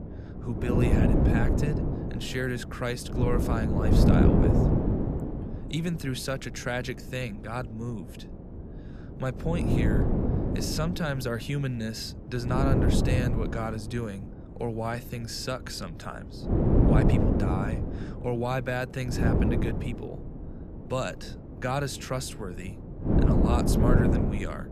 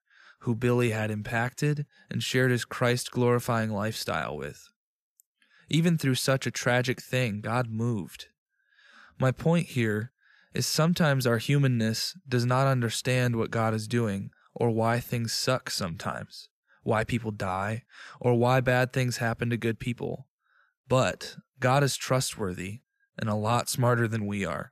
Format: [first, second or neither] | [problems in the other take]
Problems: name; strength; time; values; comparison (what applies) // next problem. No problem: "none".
second | wind noise on the microphone; heavy; 2 dB above the speech